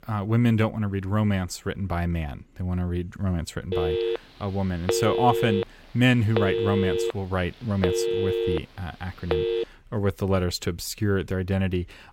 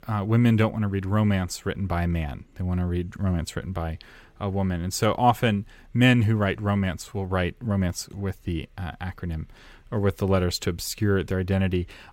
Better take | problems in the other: second | phone ringing; loud; from 3.5 to 9.5 s; peak 2 dB above the speech

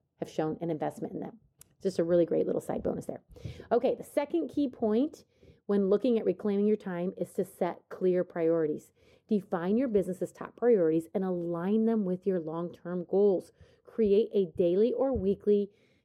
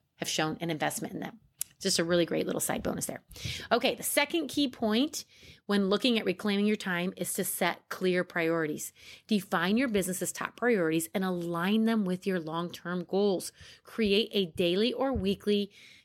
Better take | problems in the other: second | muffled; very; fading above 1.5 kHz

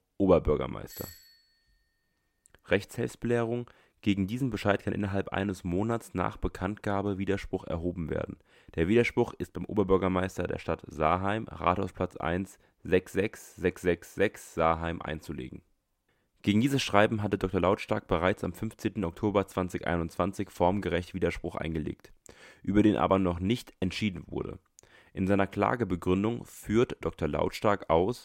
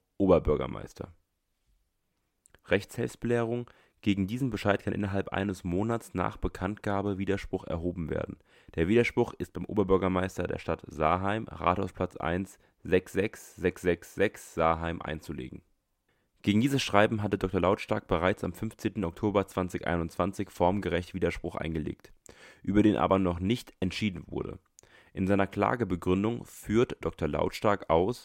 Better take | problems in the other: second | doorbell; faint; at 1 s; peak 15 dB below the speech

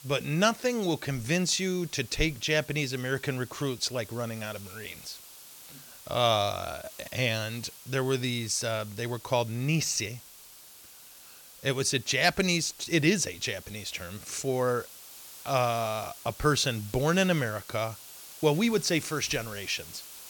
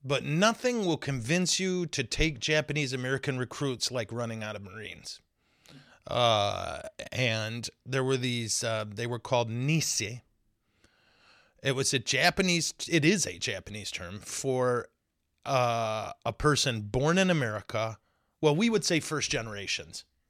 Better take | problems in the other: second | hiss; noticeable; throughout; 15 dB below the speech

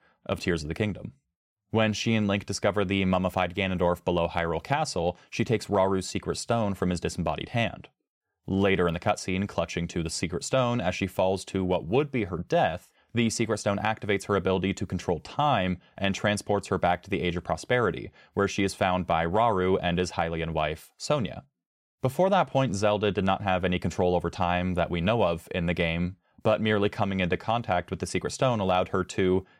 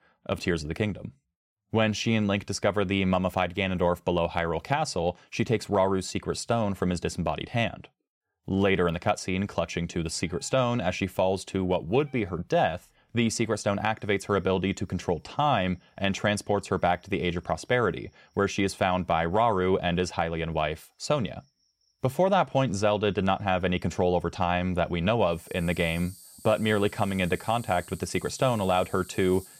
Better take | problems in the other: first | animal sounds; faint; from 9 s on; 20 dB below the speech

